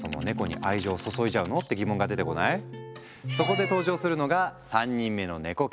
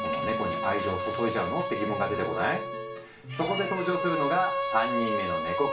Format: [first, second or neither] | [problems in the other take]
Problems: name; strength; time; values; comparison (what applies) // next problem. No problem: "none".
first | background sound (Bowed string instrument); 1 dB below the speech // room echo; dies away in 0.3 s